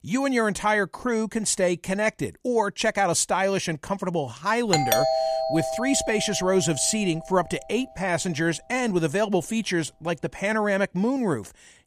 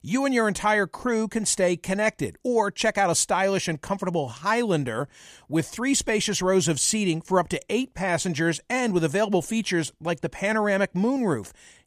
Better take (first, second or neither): second